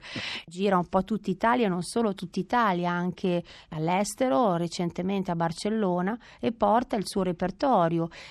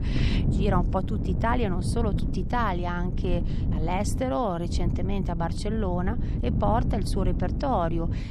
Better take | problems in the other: first | wind noise on the microphone; heavy; 10 dB below the speech

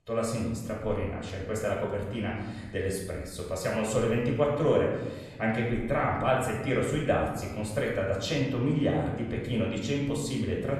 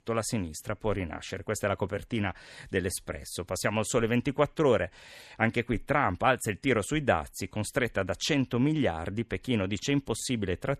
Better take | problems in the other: second | off-mic speech; far // room echo; noticeable; dies away in 1.2 s

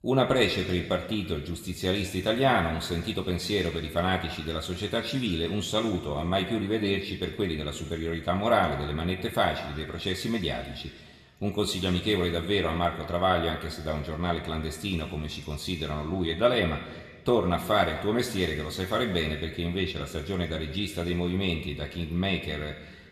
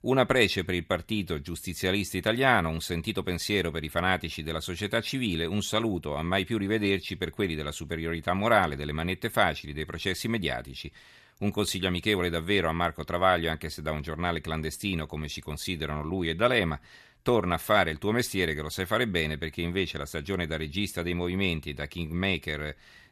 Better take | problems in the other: second | room echo; slight; dies away in 1.3 s

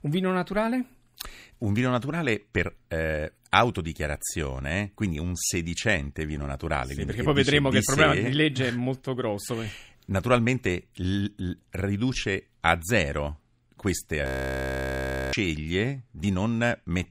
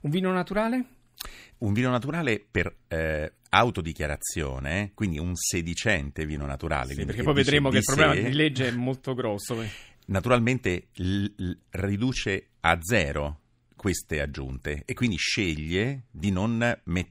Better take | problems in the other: second | audio freezing; at 14 s for 1 s

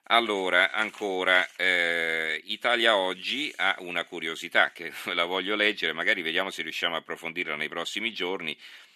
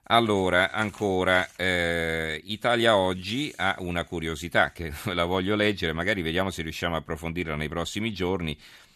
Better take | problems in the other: second | thin; somewhat; fading below 250 Hz

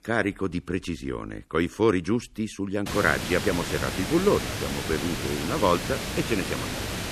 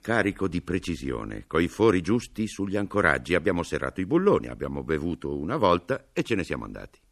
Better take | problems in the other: second | hiss; loud; from 3 s on; 4 dB below the speech

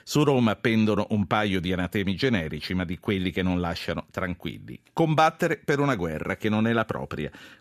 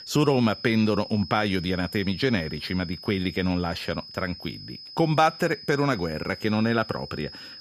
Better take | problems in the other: first | high-pitched whine; noticeable; throughout; 5 kHz, 15 dB below the speech

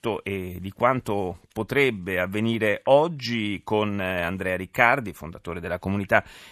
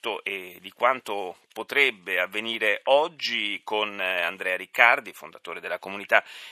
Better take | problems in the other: first | thin; very; fading below 500 Hz

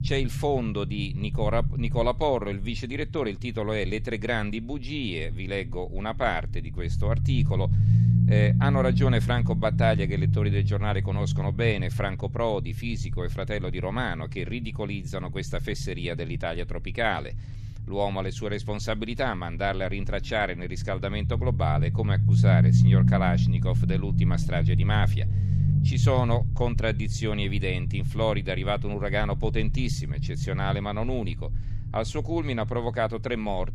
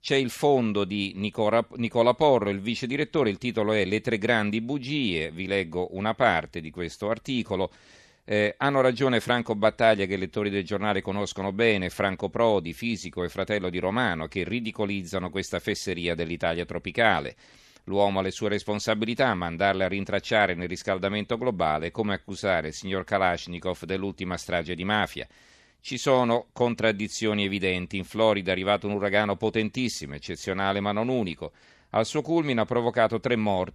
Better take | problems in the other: second | low rumble; loud; throughout; 8 dB below the speech

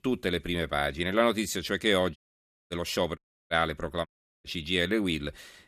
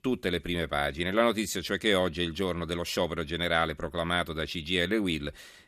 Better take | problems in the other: second | audio cutting out; at 2 s for 0.5 s, at 3 s and at 4 s

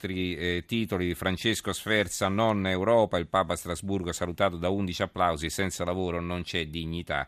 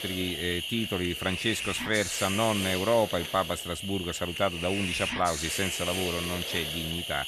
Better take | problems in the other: first | hiss; loud; throughout; 2 dB below the speech

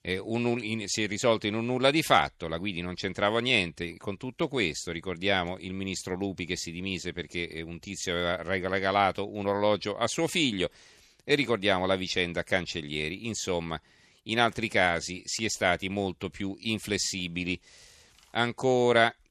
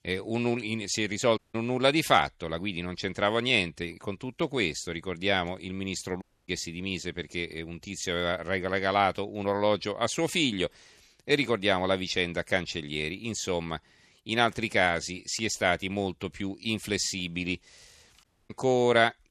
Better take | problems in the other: first | audio cutting out; at 1.5 s, at 6 s and at 18 s

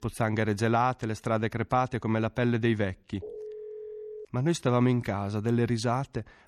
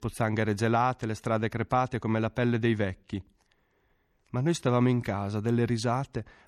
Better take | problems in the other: second | phone ringing; faint; from 3 to 4.5 s; peak 15 dB below the speech

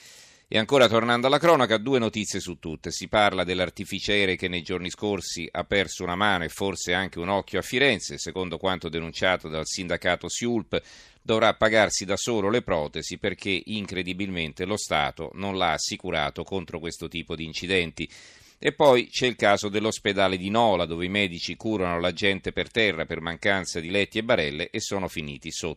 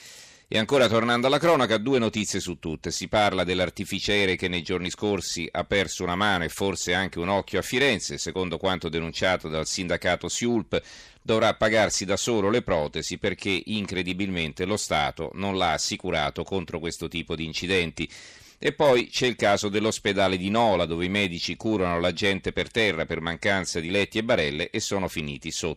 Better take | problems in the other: first | distortion; slight; 10 dB below the speech

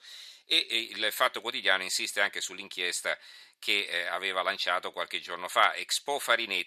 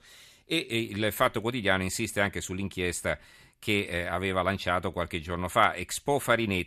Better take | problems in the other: second | thin; very; fading below 550 Hz

